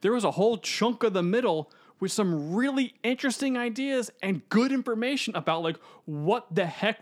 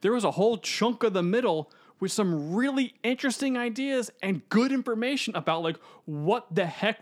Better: neither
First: none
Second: none

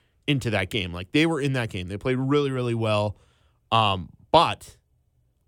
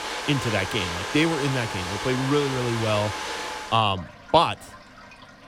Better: first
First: none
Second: household noises; loud; throughout; 5 dB below the speech

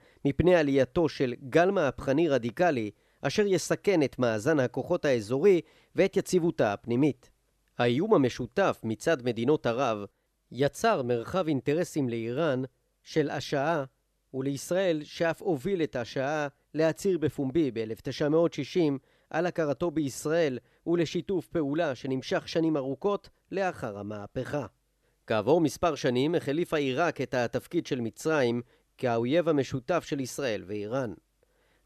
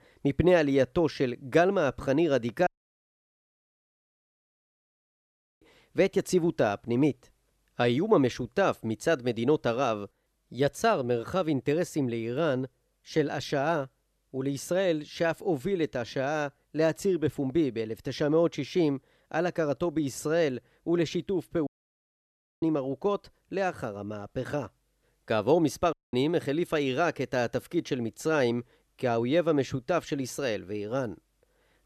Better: first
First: none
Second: audio cutting out; at 2.5 s for 3 s, at 22 s for 1 s and at 26 s

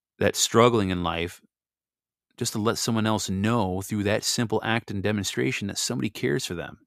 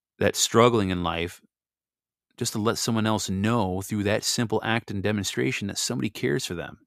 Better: neither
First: none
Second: none

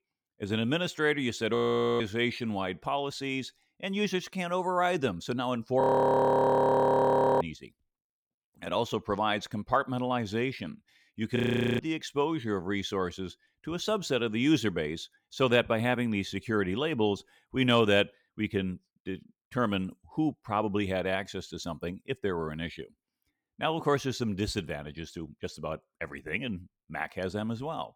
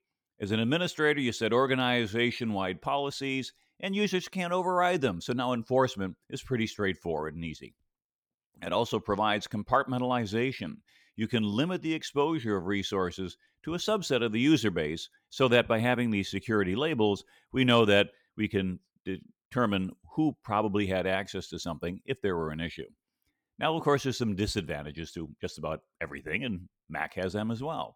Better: second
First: audio freezing; at 1.5 s, at 6 s for 1.5 s and at 11 s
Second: none

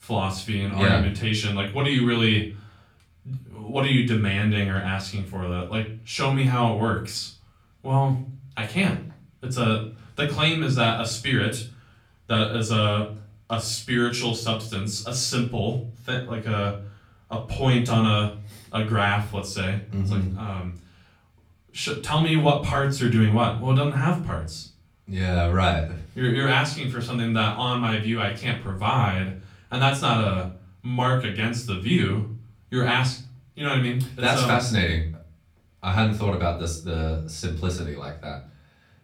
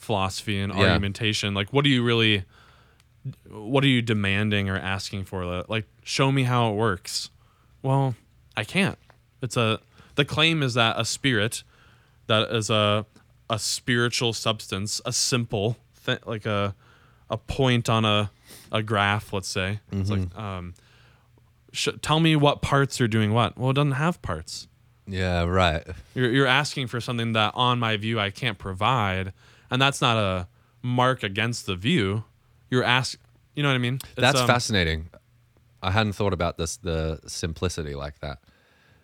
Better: second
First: off-mic speech; far // room echo; slight; dies away in 0.4 s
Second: none

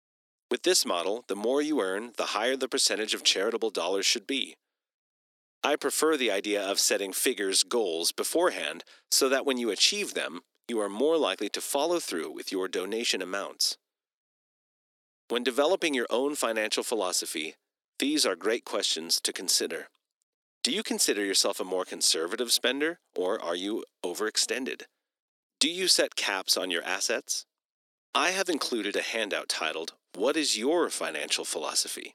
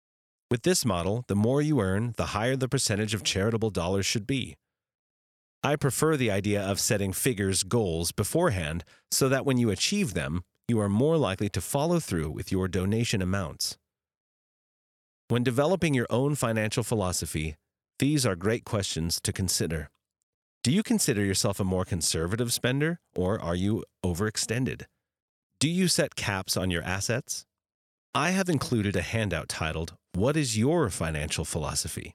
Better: second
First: thin; somewhat; fading below 300 Hz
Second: none

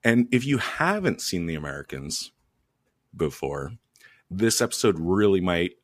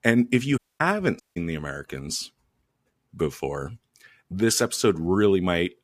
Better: first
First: none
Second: audio cutting out; at 0.5 s and at 1 s

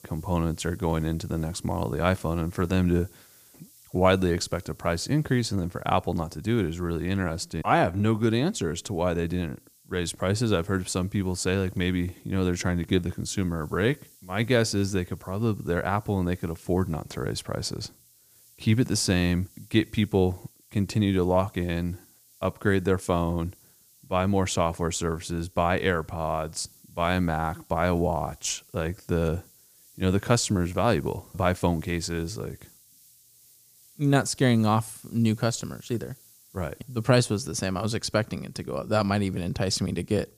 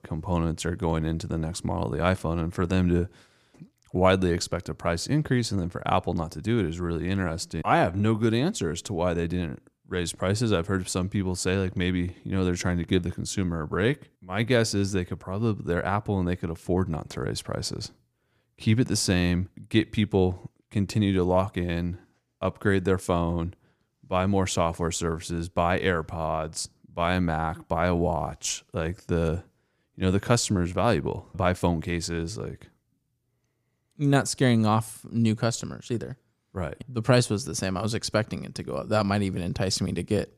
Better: second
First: hiss; faint; throughout; 25 dB below the speech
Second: none

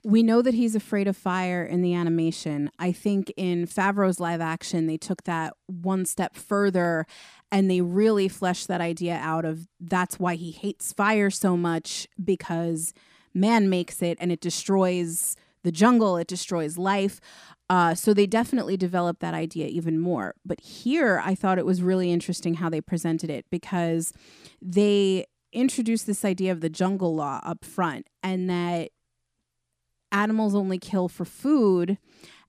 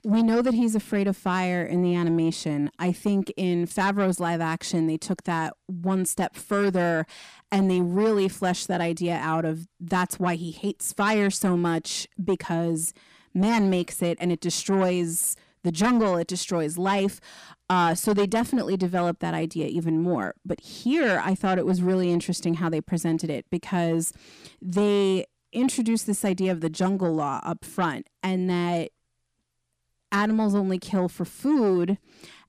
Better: first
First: none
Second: distortion; slight; 10 dB below the speech

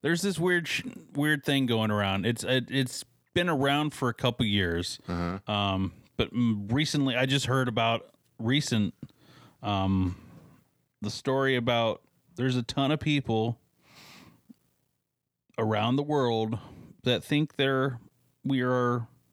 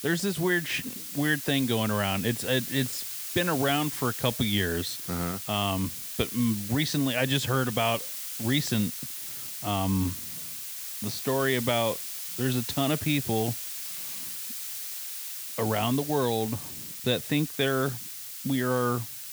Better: first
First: none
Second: hiss; loud; throughout; 6 dB below the speech

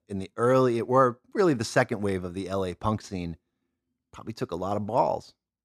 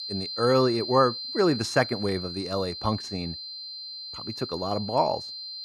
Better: first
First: none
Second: high-pitched whine; loud; throughout; 4 kHz, 8 dB below the speech

